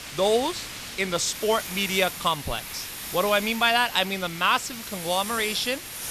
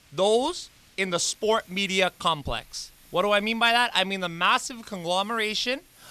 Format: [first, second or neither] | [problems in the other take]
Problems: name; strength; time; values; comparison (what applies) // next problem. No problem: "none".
second | hiss; loud; throughout; 9 dB below the speech; faint in the second